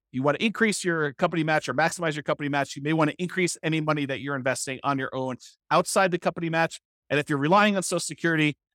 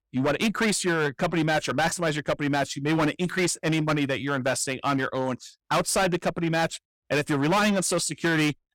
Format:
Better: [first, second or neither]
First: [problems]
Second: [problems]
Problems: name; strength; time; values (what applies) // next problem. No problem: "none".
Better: first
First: none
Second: distortion; heavy; 14% of the sound clipped